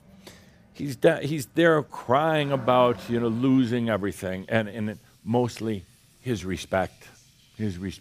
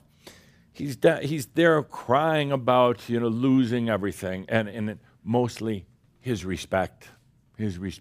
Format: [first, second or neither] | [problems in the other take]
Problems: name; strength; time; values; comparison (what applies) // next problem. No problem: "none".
second | household noises; faint; throughout; 25 dB below the speech